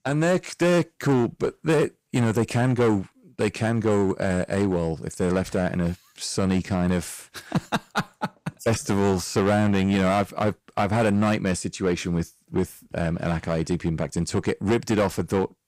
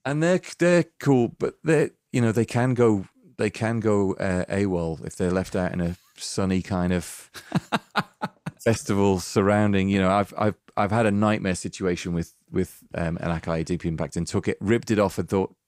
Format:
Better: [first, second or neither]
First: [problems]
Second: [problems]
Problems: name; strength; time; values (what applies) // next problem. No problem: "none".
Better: second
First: distortion; slight; 9% of the sound clipped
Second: none